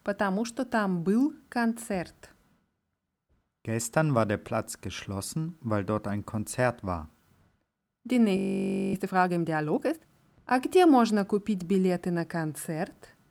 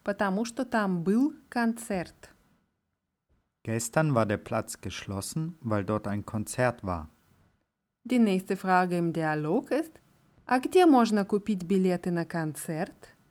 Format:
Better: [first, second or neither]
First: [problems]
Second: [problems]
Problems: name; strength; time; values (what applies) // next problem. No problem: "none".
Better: second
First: audio freezing; at 8.5 s for 0.5 s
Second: none